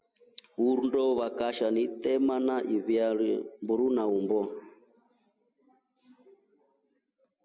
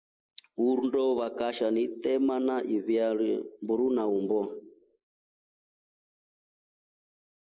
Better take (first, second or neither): first